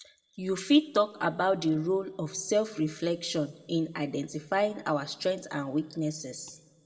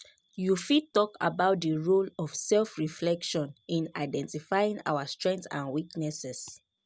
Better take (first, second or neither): second